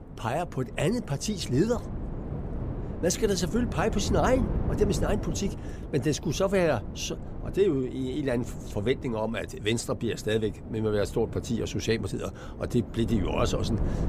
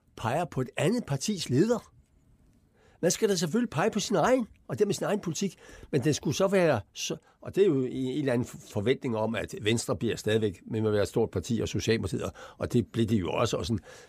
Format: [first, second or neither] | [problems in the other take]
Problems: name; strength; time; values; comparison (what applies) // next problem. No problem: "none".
second | wind noise on the microphone; occasional gusts; 15 dB below the speech